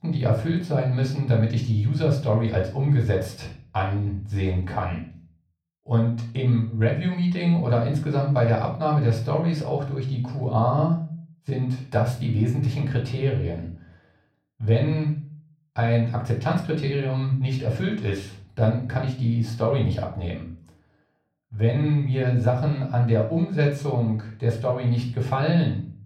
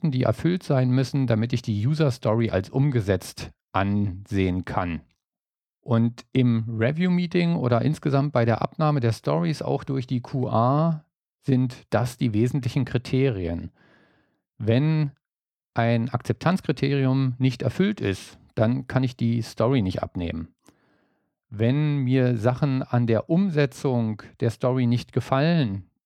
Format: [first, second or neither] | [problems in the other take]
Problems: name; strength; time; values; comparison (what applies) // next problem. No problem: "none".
second | off-mic speech; far // room echo; slight; dies away in 0.4 s